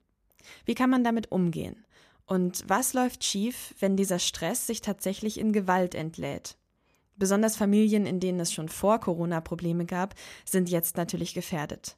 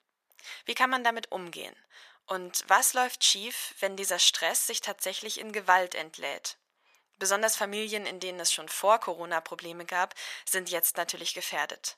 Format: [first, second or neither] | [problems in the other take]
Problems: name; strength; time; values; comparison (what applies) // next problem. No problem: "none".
first | thin; very; fading below 850 Hz